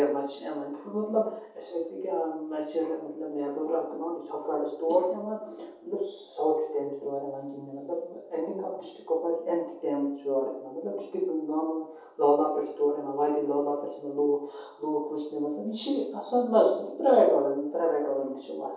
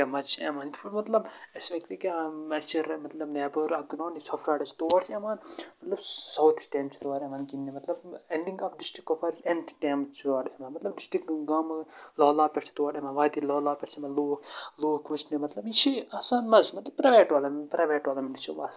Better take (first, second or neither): second